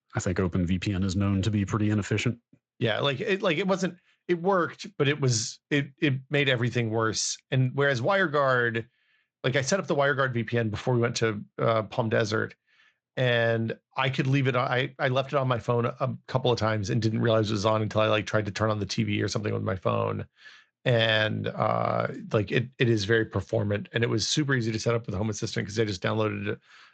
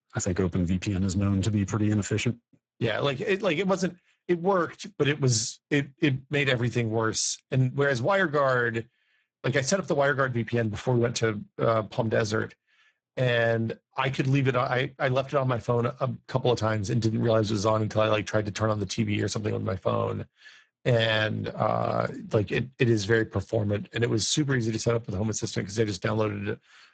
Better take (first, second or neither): first